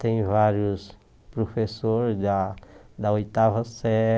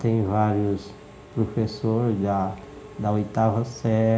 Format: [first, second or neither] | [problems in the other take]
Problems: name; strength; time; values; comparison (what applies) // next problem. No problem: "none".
first | background sound (Engine / Mechanisms); 20 dB below the speech // room echo; dies away in 0.4 s